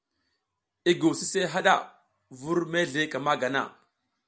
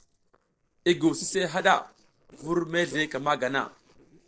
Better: first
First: none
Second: noise reduction (neural separator model SepFormer DNS4)

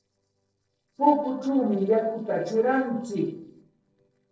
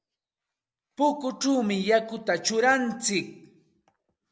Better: second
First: noise reduction (neural separator model SepFormer DNS4)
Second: none

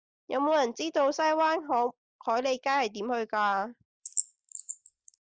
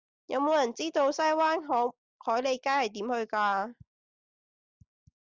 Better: second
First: noise reduction (neural mask model Resemble Enhance denoiser)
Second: none

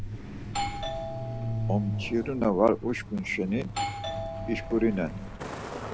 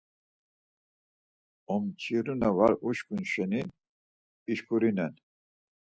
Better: second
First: background sound (Doorbell + Truck); 3 dB below the speech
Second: none

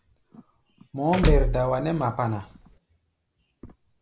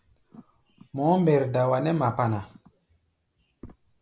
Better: second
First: background sound (Door / Car); 2 dB above the speech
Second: none

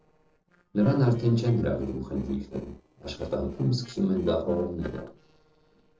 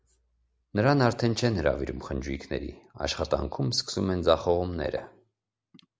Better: second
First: noise reduction (neural separator model SepFormer DNS4)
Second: none

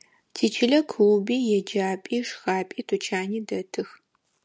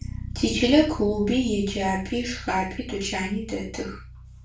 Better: first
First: none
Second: background sound (Bass guitar); 11 dB below the speech // room echo; dies away in 0.3 s

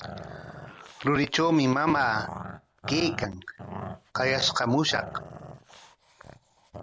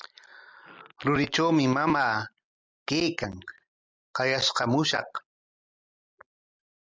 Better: second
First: background sound (Growling); 13 dB below the speech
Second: none

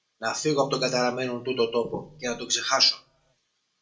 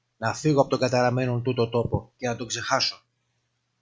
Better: second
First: room echo; dies away in 0.2 s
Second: none

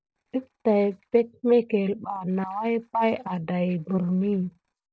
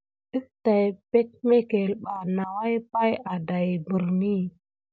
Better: second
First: noise reduction (neural separator model SepFormer DNS4)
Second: none

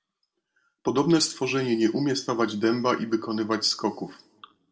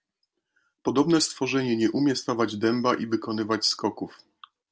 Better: second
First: room echo; dies away in 0.6 s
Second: none

